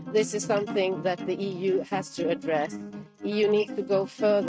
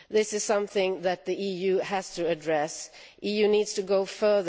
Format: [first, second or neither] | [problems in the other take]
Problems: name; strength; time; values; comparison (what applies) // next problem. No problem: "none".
second | noise reduction (neural mask model RNNoise)